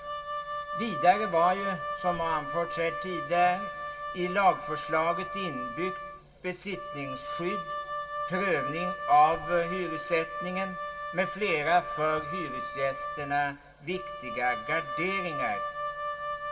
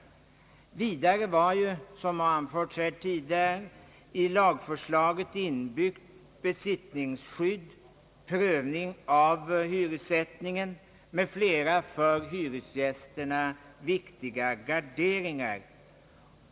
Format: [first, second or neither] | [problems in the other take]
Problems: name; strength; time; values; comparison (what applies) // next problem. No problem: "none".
second | background sound (Wind instrument, woodwind instrument); 5 dB below the speech // room echo; dies away in 0.2 s